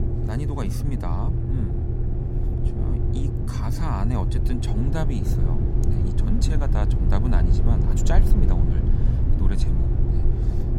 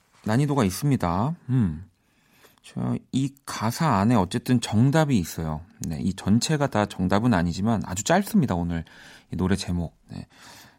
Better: second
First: low rumble; loud; throughout; 1 dB below the speech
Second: none

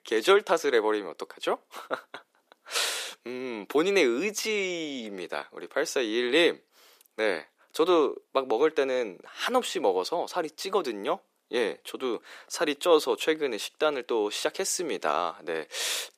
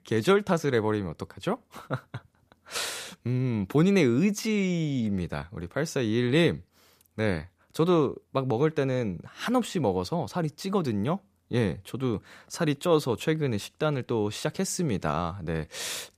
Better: second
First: thin; very; fading below 350 Hz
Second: none

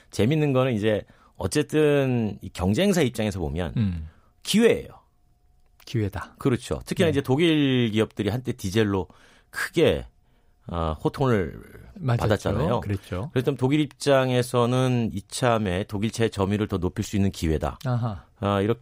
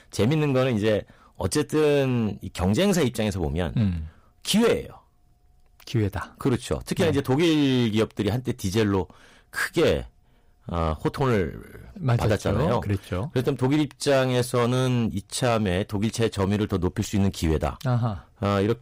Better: first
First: none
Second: distortion; slight; 7% of the sound clipped

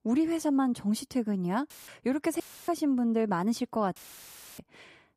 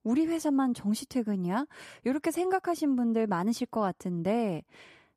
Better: second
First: audio cutting out; filled with static; at 1.5 s, at 2.5 s and at 4 s for 0.5 s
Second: none

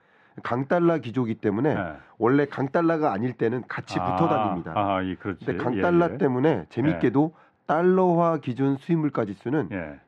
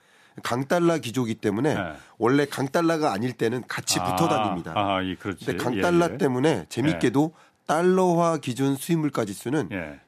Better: second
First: muffled; very; fading above 2 kHz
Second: none

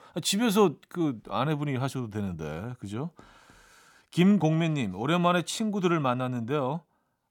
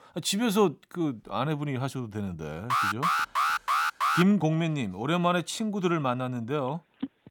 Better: first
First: none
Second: alarm; loud; from 2.5 to 4 s; peak 3 dB above the speech // phone ringing; faint; at 7 s; peak 10 dB below the speech

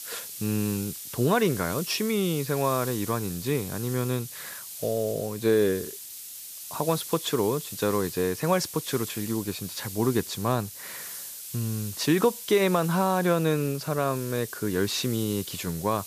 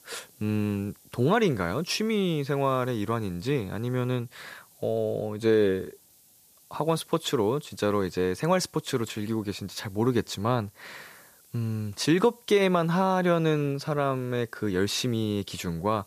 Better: second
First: hiss; loud; throughout; 10 dB below the speech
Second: hiss; faint; throughout; 25 dB below the speech

